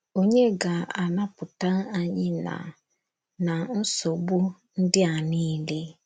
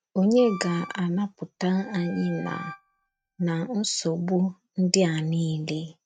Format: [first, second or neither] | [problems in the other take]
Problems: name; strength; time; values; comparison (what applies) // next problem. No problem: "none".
first | noise reduction (neural mask model RNNoise)